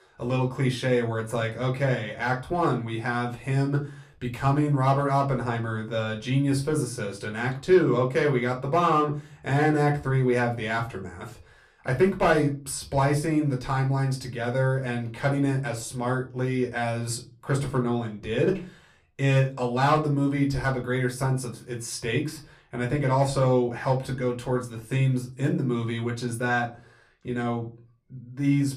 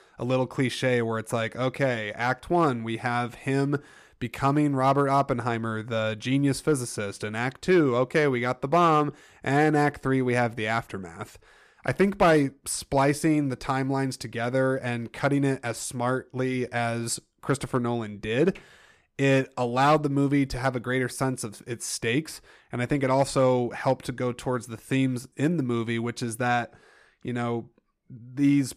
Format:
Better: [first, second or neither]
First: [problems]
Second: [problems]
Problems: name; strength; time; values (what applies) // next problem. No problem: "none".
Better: second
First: off-mic speech; somewhat distant // room echo; very slight; dies away in 0.3 s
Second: none